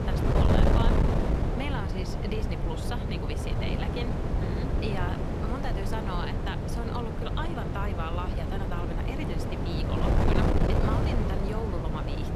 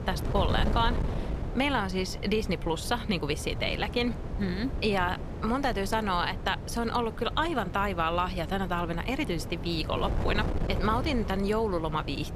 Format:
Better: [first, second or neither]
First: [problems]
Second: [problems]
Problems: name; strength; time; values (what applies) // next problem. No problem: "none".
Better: second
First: wind noise on the microphone; heavy; 3 dB above the speech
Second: wind noise on the microphone; occasional gusts; 10 dB below the speech